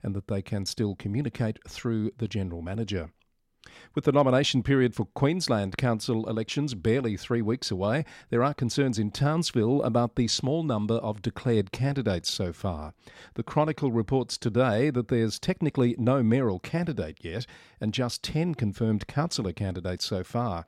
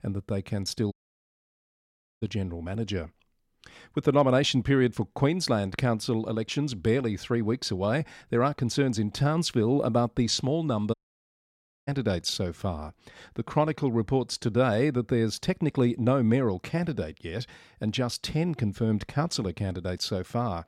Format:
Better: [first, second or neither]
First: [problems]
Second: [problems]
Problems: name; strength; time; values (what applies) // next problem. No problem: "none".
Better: first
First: none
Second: audio cutting out; at 1 s for 1.5 s and at 11 s for 1 s